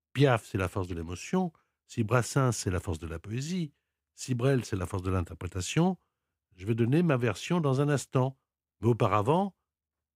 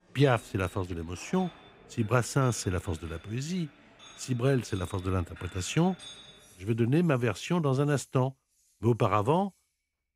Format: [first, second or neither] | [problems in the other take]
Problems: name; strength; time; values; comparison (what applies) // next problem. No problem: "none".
first | household noises; faint; throughout; 20 dB below the speech